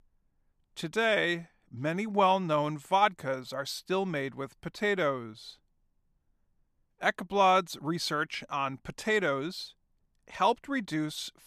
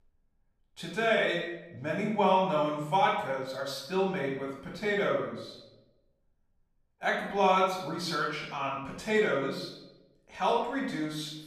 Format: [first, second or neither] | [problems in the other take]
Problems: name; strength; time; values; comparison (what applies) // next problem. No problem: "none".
first | off-mic speech; far // room echo; noticeable; dies away in 0.7 s